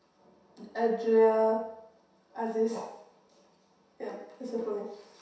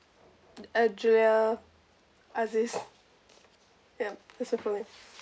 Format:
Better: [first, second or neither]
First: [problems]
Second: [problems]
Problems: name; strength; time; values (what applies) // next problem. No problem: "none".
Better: second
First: room echo; dies away in 0.7 s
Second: none